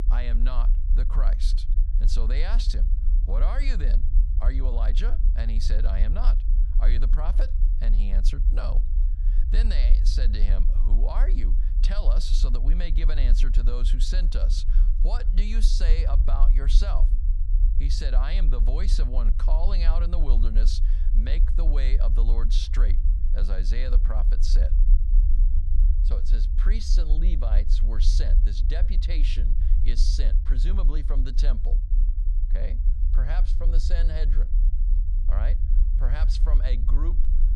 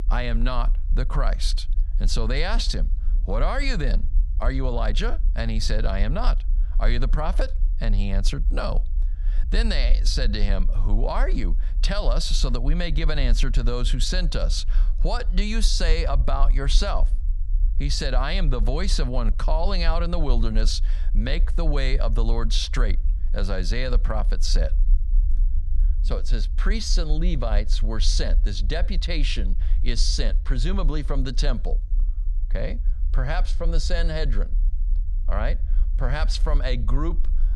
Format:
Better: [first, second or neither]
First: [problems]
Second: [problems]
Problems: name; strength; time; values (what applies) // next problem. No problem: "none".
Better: second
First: low rumble; loud; throughout; 9 dB below the speech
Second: low rumble; faint; throughout; 20 dB below the speech